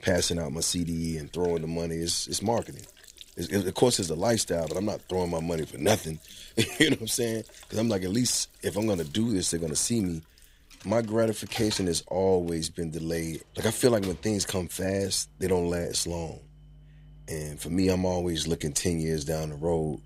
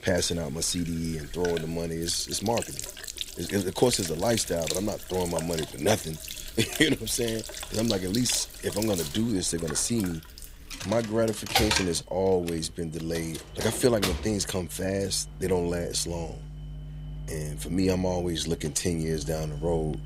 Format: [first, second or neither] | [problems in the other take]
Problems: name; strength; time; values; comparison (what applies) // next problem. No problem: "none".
first | household noises; loud; throughout; 8 dB below the speech; faint in the first